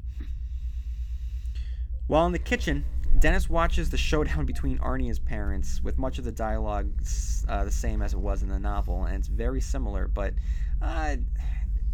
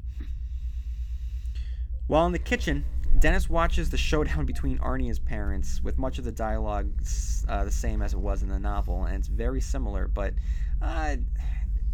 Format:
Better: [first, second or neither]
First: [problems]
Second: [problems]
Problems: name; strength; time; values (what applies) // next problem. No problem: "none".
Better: neither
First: low rumble; faint; throughout; 20 dB below the speech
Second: low rumble; faint; throughout; 20 dB below the speech